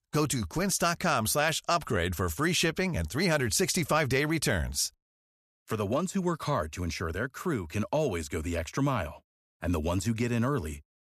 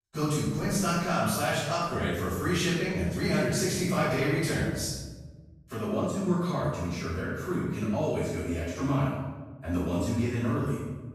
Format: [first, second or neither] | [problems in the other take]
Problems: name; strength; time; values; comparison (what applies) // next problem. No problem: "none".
first | room echo; strong; dies away in 1.2 s // off-mic speech; far